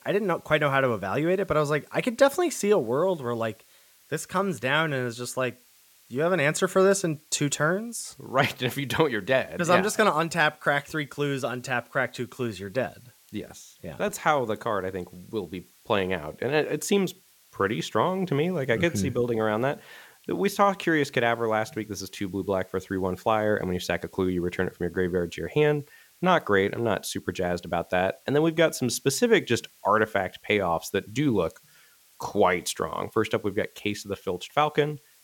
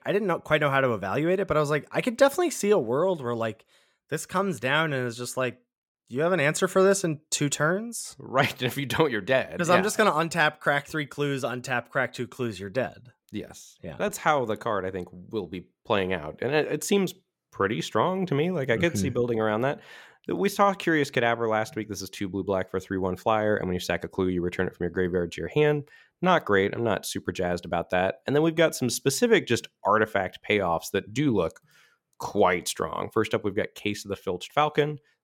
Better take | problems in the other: second | hiss; faint; throughout; 30 dB below the speech

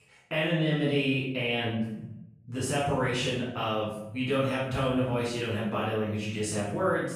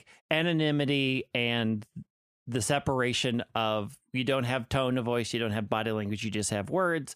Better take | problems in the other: second | off-mic speech; far // room echo; noticeable; dies away in 0.7 s

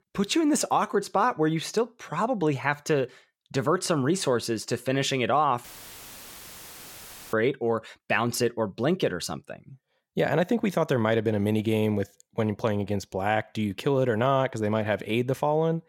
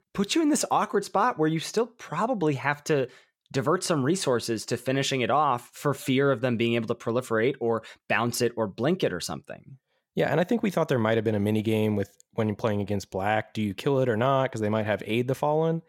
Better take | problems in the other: second | audio cutting out; filled with static; at 5.5 s for 1.5 s

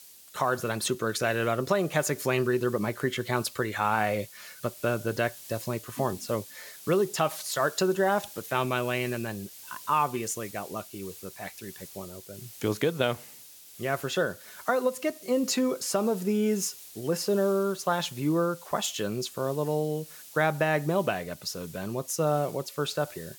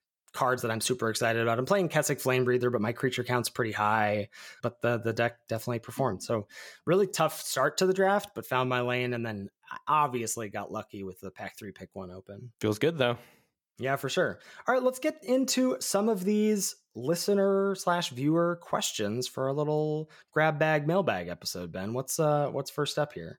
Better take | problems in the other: second | hiss; noticeable; throughout; 15 dB below the speech

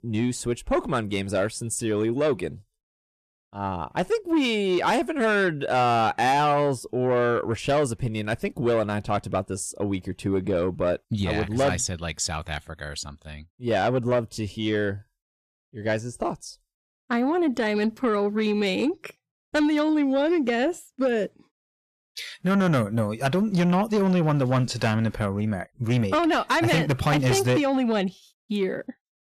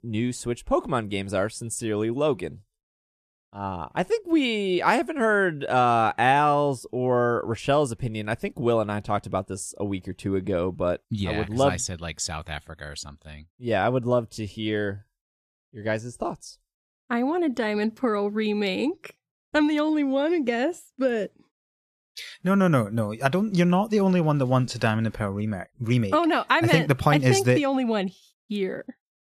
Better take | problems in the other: second | distortion; slight; 10 dB below the speech

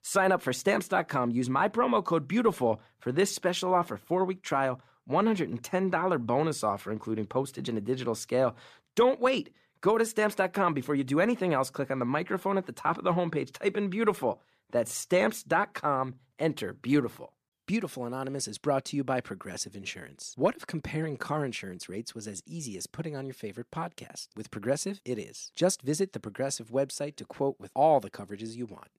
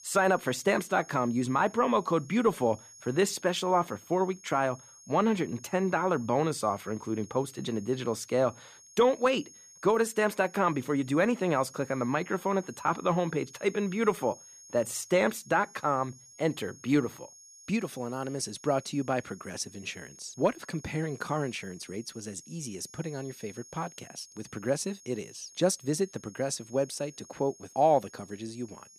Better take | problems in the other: first | high-pitched whine; faint; throughout; 6.5 kHz, 20 dB below the speech

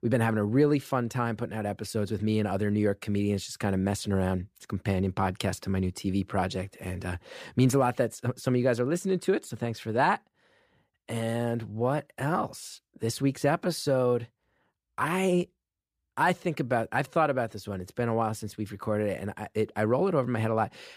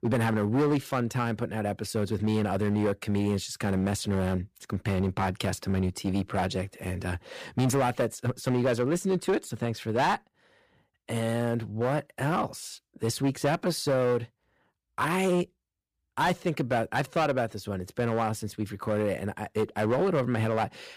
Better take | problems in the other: first | distortion; slight; 9% of the sound clipped

